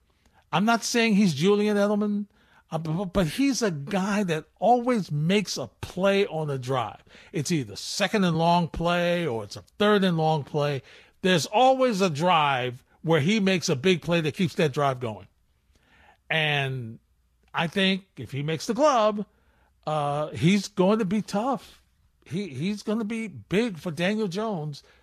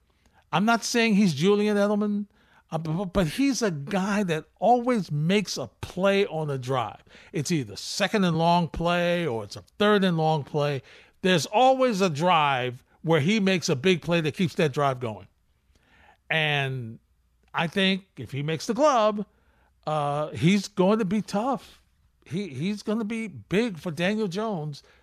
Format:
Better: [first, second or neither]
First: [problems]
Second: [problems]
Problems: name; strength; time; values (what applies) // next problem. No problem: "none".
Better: second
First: garbled, watery; slightly; nothing above 14 kHz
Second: none